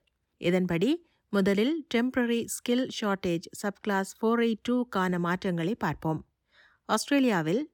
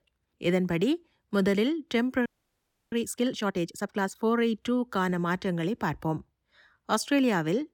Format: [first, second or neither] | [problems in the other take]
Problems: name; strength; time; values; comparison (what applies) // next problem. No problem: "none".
first | audio freezing; at 2.5 s for 0.5 s